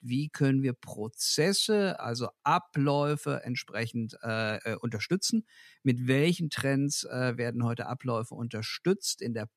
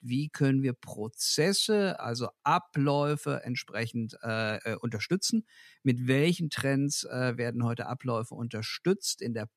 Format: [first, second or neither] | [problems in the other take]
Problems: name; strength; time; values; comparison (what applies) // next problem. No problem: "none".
neither | none